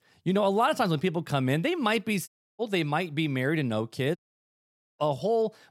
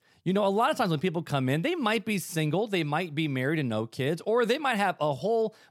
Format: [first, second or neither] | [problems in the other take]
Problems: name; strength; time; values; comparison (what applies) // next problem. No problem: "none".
second | audio cutting out; at 2.5 s and at 4 s for 1 s